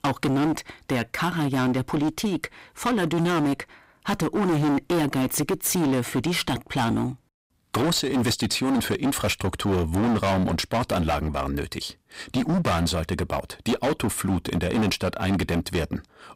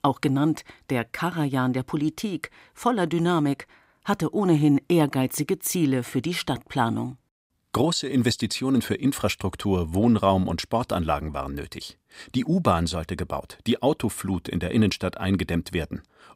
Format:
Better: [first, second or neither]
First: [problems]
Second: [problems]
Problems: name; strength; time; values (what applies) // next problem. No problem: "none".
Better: second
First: distortion; heavy; 23% of the sound clipped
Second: none